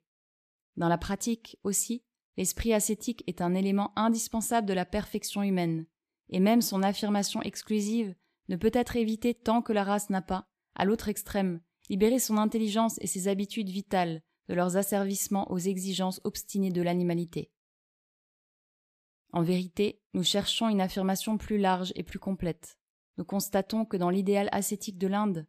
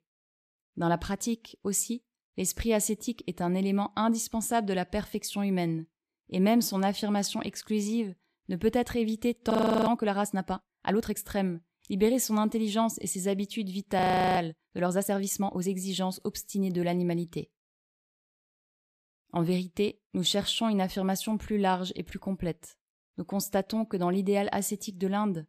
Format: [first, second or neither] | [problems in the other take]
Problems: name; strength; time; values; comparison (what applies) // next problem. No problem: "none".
first | audio freezing; at 9.5 s and at 14 s